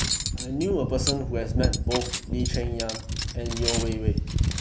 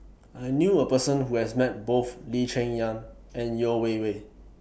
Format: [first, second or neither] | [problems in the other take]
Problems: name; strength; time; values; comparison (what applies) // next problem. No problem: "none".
second | background sound (Cutlery, silverware); 4 dB above the speech